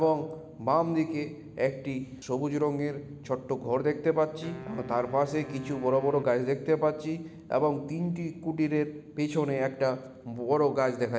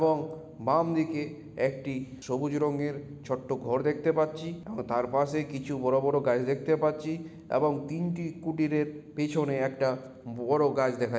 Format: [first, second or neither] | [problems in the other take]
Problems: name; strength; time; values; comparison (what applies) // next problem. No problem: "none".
second | background sound (Wind instrument, woodwind instrument); 17 dB below the speech